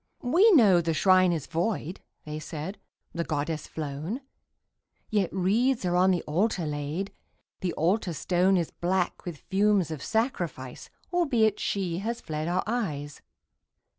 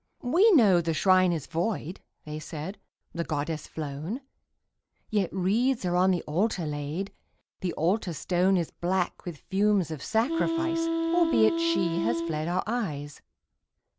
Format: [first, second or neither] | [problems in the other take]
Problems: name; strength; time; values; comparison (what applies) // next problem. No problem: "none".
first | background sound (Wind instrument, woodwind instrument); 1 dB below the speech